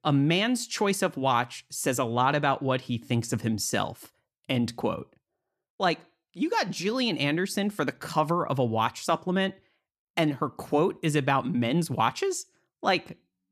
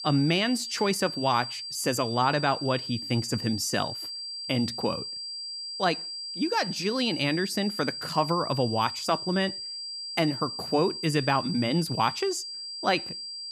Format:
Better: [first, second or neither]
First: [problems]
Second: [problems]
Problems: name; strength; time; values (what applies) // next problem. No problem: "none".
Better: first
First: none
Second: high-pitched whine; loud; throughout; 4.5 kHz, 6 dB below the speech